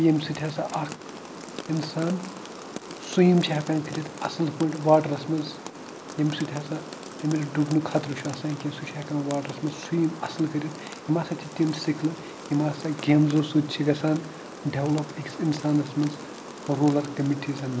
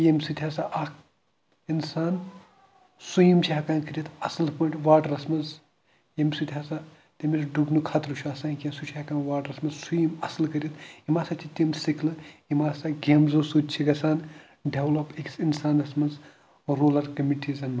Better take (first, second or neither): second